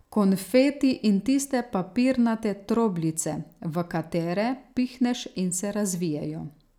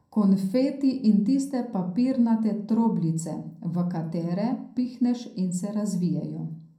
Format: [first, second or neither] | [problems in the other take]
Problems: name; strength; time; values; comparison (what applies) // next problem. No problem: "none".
first | room echo; dies away in 0.5 s